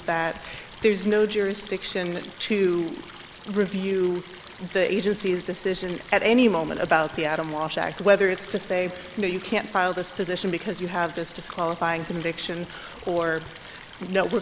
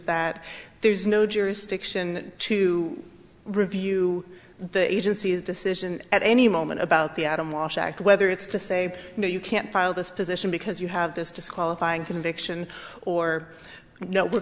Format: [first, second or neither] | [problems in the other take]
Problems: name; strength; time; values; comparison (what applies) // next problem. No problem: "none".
second | background sound (Stream); 19 dB below the speech